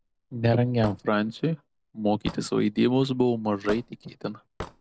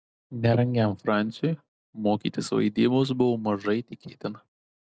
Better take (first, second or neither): second